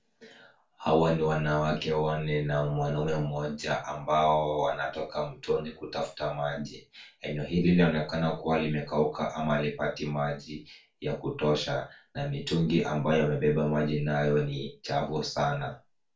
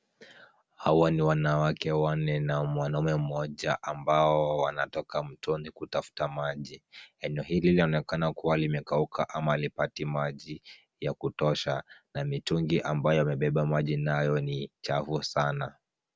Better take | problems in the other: second | room echo; dies away in 0.2 s

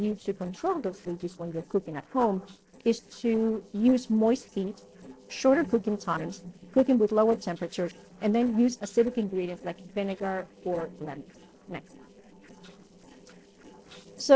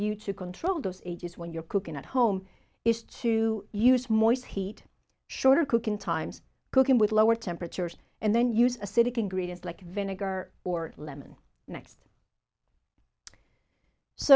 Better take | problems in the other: second | noise reduction (neural separator model SepFormer DNS4)

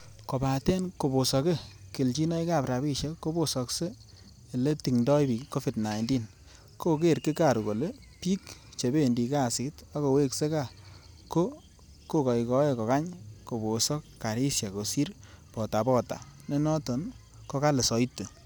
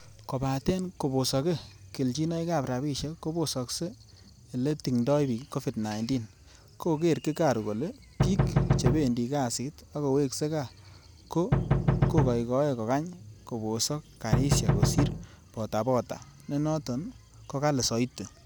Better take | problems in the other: first | background sound (Knock); 3 dB above the speech

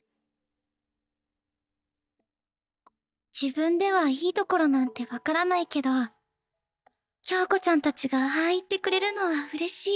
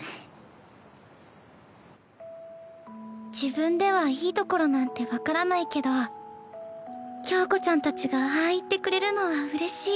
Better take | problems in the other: second | noise reduction (neural mask model DeepFilterNet 3)

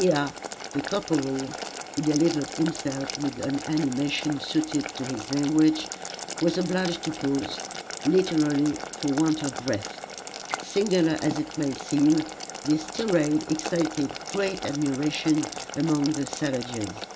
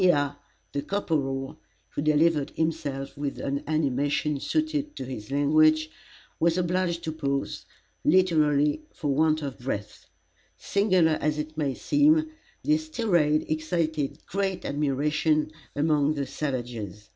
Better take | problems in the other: second | background sound (Boiling); 10 dB below the speech

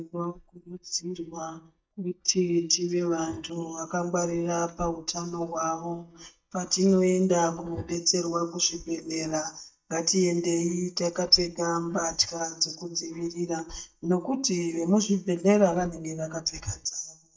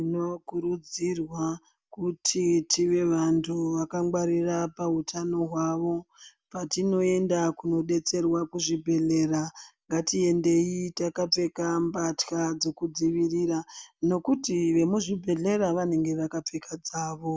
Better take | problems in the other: second | noise reduction (neural mask model DeepFilterNet 3)

